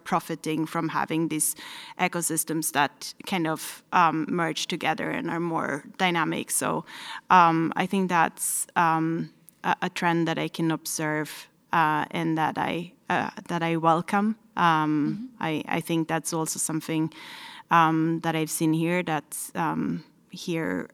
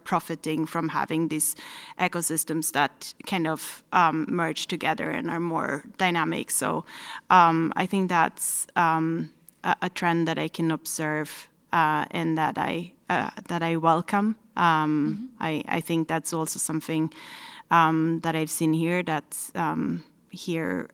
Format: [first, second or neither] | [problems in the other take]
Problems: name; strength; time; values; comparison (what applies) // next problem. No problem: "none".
first | garbled, watery; slightly